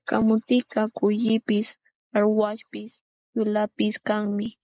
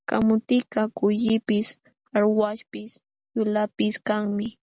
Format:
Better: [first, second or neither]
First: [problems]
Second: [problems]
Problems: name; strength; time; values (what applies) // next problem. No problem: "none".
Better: second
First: noise reduction (neural mask model Resemble Enhance denoiser)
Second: none